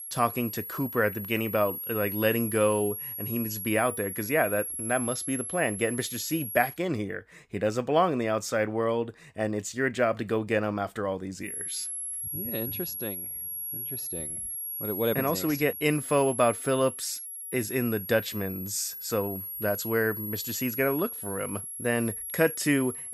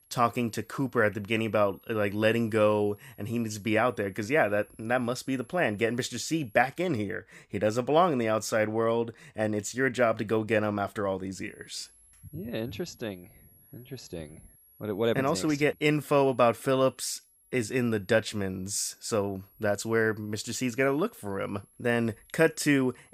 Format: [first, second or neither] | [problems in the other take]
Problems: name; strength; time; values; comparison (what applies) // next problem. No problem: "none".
second | high-pitched whine; loud; until 6.5 s and from 11 s on; 11.5 kHz, 5 dB below the speech; faint in the second